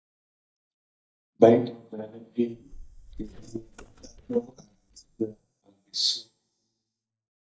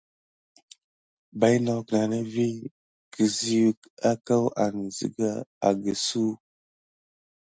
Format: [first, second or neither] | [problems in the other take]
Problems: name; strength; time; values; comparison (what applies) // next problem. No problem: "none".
second | noise reduction (neural mask model DeepFilterNet 3)